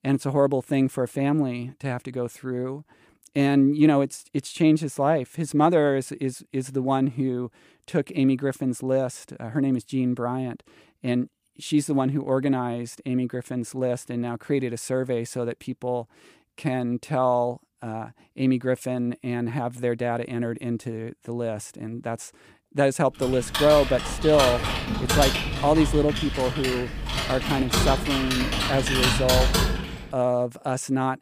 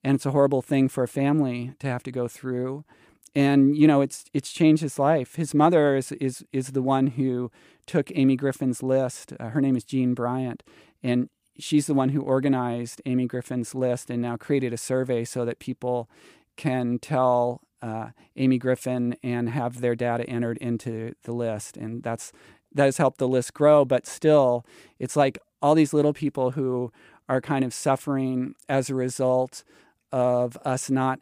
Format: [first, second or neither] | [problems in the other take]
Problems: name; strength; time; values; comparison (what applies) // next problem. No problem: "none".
second | keyboard typing; loud; from 23 to 30 s; peak 4 dB above the speech